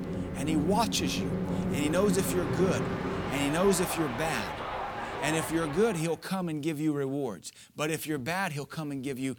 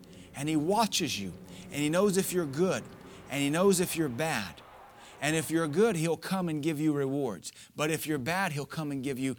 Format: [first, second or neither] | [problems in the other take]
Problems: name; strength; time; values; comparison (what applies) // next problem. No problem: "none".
second | train or aircraft noise; loud; until 6 s; 3 dB below the speech; faint in the second